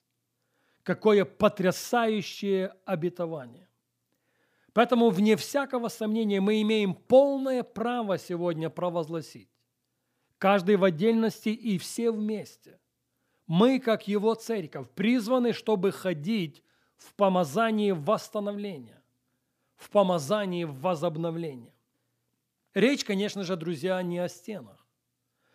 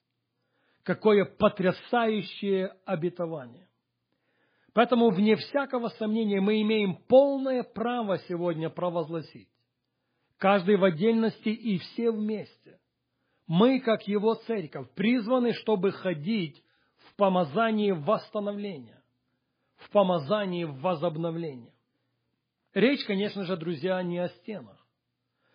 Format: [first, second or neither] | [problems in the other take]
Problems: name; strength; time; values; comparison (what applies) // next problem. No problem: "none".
first | garbled, watery; badly; nothing above 4 kHz